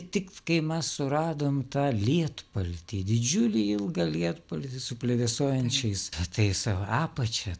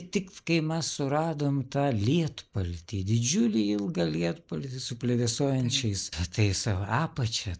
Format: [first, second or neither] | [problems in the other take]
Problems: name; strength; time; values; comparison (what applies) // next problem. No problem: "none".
first | noise reduction (neural mask model Resemble Enhance denoiser)